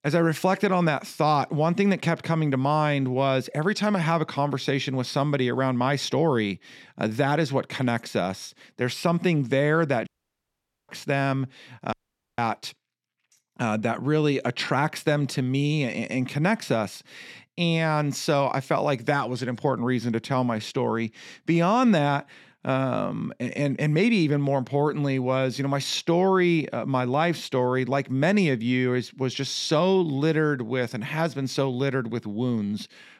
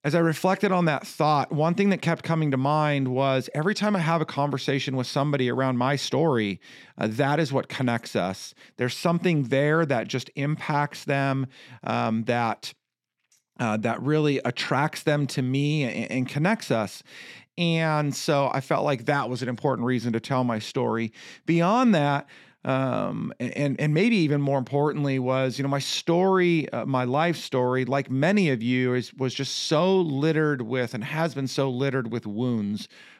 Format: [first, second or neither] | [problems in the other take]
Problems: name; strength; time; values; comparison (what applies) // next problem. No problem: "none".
second | audio cutting out; at 10 s for 1 s and at 12 s